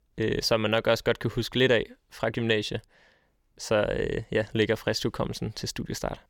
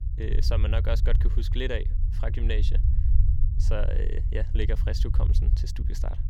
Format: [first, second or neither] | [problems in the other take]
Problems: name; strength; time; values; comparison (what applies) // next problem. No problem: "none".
first | low rumble; loud; throughout; 9 dB below the speech